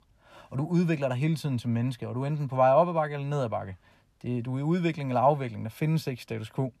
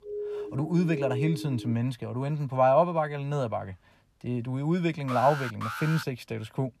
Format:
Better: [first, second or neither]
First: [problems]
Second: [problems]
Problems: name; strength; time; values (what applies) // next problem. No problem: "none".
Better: first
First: none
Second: siren; noticeable; until 1.5 s; peak 5 dB below the speech // alarm; noticeable; at 5 s; peak 6 dB below the speech